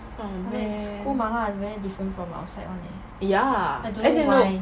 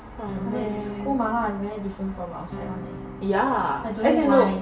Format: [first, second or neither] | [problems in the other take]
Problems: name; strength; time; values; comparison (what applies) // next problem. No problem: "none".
first | background sound (Acoustic guitar / Strum); 14 dB below the speech // room echo; dies away in 0.8 s